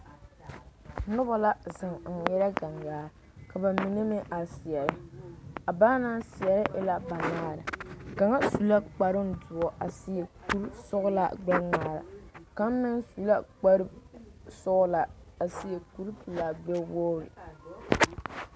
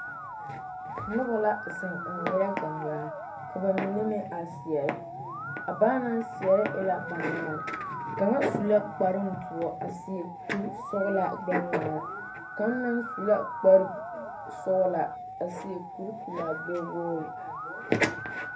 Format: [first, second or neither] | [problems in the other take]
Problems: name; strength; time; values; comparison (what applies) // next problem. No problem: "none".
first | background sound (Musical instrument); 9 dB below the speech // room echo; dies away in 0.3 s